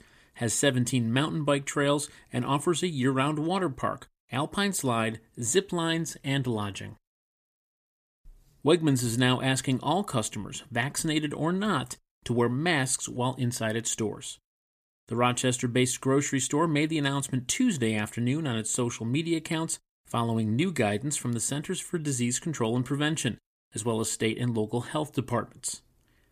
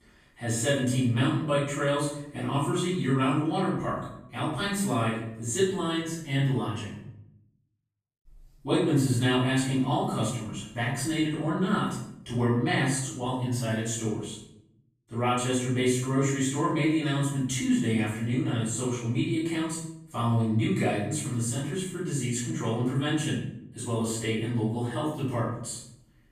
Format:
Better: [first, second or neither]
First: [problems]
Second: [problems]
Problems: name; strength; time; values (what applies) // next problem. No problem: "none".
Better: first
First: none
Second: room echo; noticeable; dies away in 0.7 s // off-mic speech; far